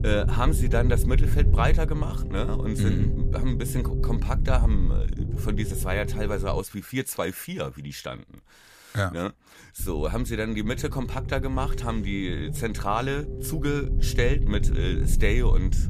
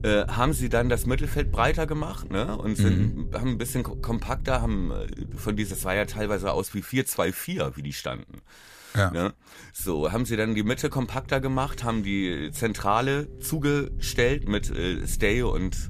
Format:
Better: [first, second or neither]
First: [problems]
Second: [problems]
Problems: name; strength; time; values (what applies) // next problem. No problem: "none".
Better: second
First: low rumble; loud; until 6.5 s and from 10 s on; 10 dB below the speech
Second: low rumble; faint; until 6.5 s and from 10 s on; 20 dB below the speech